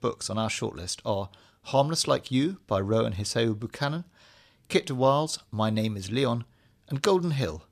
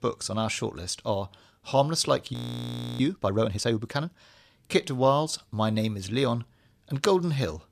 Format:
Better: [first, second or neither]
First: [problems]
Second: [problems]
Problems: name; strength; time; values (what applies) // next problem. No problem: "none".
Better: first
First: none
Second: audio freezing; at 2.5 s for 0.5 s